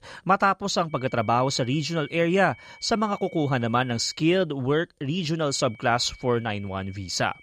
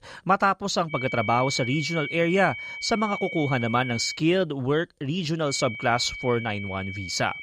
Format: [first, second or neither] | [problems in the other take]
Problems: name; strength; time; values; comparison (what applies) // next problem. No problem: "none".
first | high-pitched whine; loud; from 1 to 4 s and from 5.5 s on; 2.5 kHz, 8 dB below the speech; faint in the first